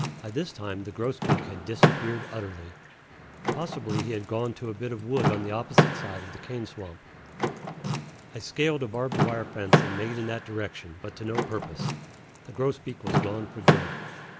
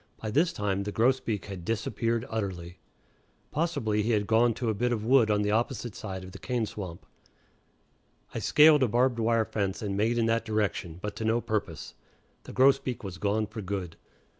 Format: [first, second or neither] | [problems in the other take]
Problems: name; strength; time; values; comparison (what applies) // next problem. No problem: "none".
second | background sound (Door / Car); 4 dB above the speech